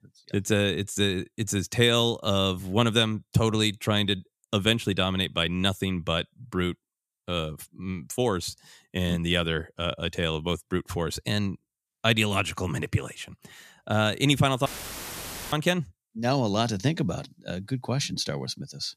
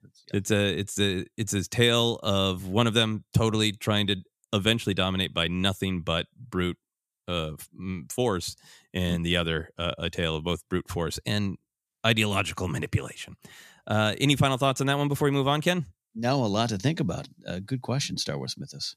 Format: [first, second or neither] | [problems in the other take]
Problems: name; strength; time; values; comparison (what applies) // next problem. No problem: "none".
second | audio cutting out; filled with static; at 15 s for 1 s